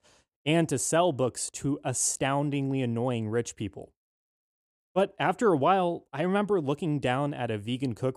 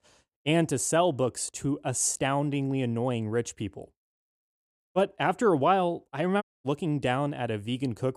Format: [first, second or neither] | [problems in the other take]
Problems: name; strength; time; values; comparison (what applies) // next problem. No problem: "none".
first | audio cutting out; at 6.5 s